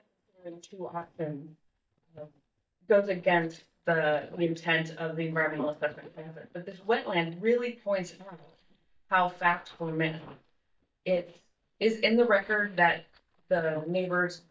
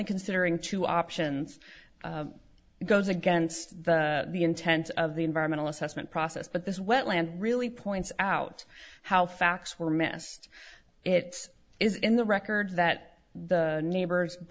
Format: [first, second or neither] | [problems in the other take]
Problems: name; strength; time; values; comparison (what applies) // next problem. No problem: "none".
second | noise reduction (neural mask model DeepFilterNet 3)